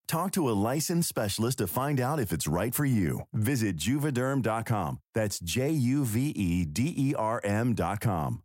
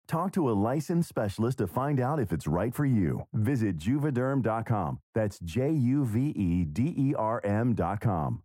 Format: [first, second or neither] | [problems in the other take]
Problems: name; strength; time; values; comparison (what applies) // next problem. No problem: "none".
first | muffled; slightly; fading above 2.5 kHz